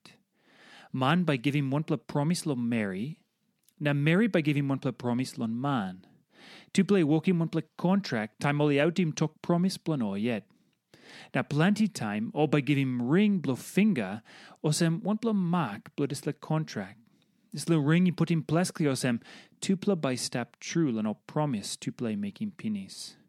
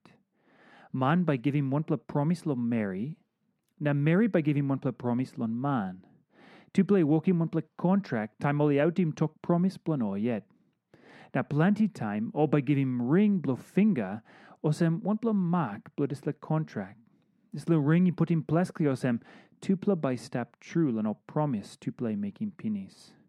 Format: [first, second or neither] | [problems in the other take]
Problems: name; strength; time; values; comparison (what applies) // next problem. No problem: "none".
first | muffled; slightly; fading above 2.5 kHz